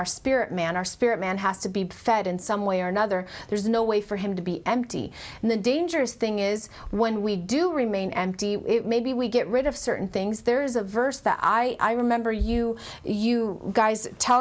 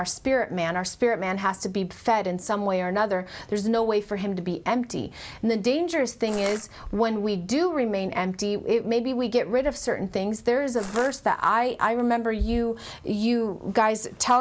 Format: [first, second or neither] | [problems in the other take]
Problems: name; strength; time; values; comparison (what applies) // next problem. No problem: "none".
first | background sound (Crushing); 13 dB below the speech